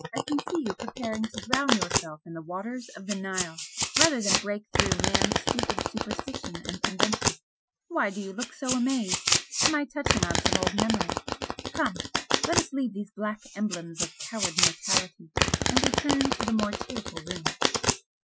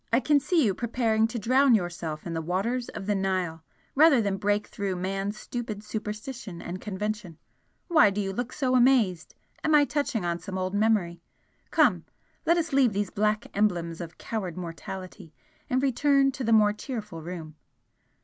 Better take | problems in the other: second | noise reduction (classical method Wiener filter)

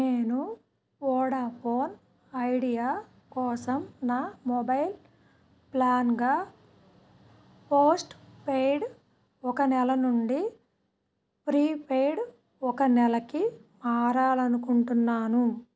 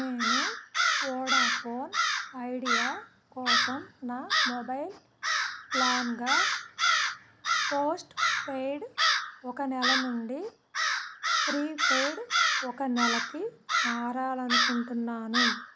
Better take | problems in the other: first | background sound (Crow); 5 dB above the speech

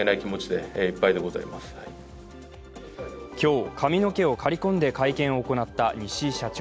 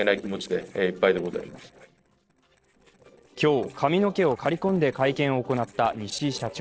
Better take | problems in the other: first | noise reduction (neural separator model SepFormer DNS4)

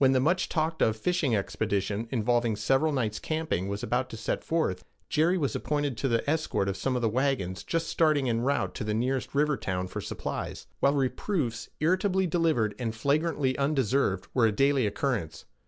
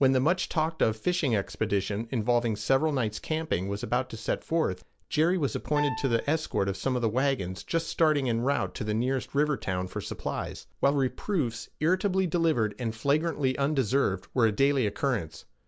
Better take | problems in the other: first | background sound (Piano); 11 dB below the speech

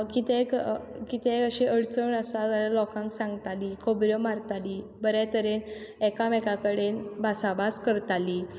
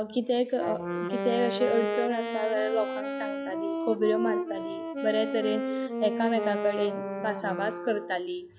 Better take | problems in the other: first | noise reduction (classical method log-MMSE)

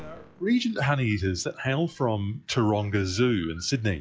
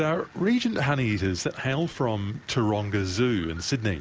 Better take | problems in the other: second | noise reduction (classical method log-MMSE)

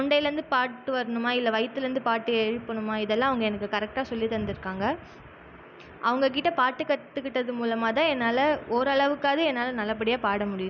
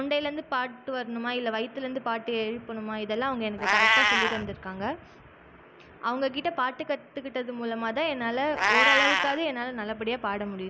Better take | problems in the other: first | background sound (Meow); as loud as the speech

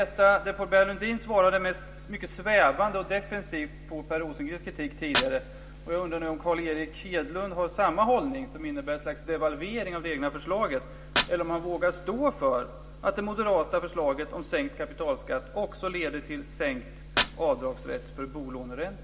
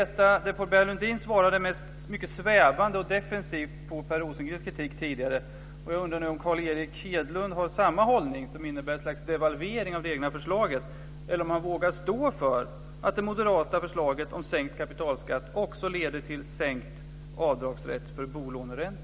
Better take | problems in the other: second | background sound (Fire); 12 dB below the speech // room echo; dies away in 1 s

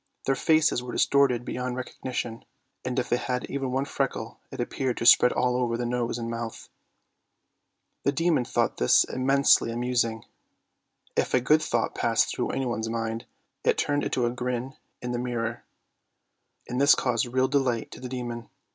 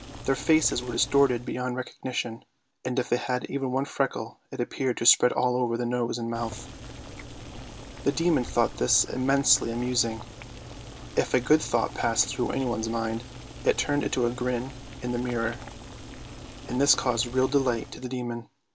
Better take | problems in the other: first | background sound (Boiling); 15 dB below the speech

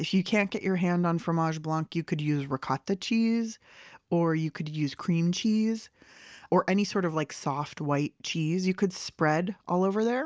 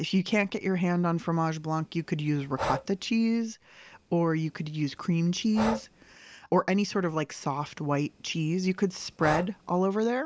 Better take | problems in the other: first | background sound (Breathing); 12 dB below the speech

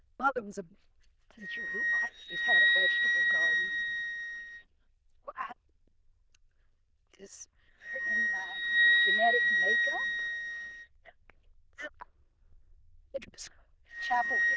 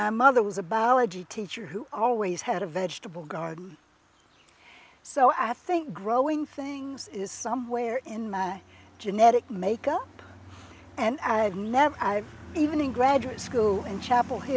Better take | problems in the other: second | noise reduction (neural diffusion model UNIVERSE++)

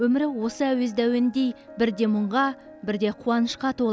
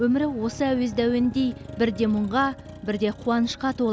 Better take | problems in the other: first | background sound (Motor vehicle (road)); 17 dB below the speech

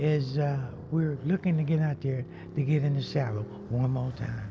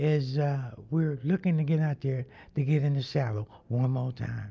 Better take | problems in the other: second | background sound (Motorcycle); 15 dB below the speech

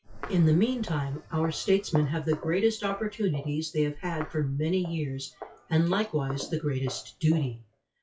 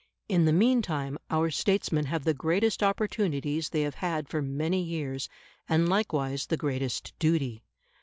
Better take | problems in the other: second | noise reduction (classical method WPE with log-MMSE)

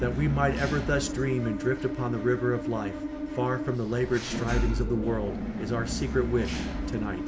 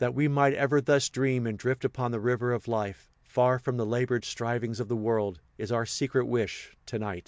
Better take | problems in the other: second | background sound (Engine / Mechanisms); 3 dB below the speech // room echo; dies away in 0.8 s

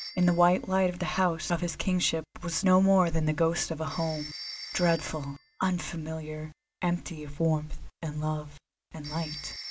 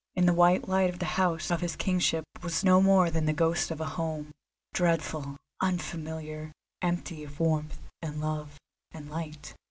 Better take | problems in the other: second | background sound (Telephone); 18 dB below the speech

